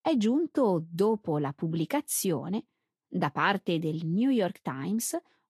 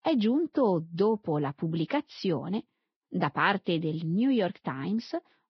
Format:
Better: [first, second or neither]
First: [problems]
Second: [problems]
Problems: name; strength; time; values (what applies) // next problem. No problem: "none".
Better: first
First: garbled, watery; slightly; nothing above 12.5 kHz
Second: garbled, watery; badly; nothing above 5.5 kHz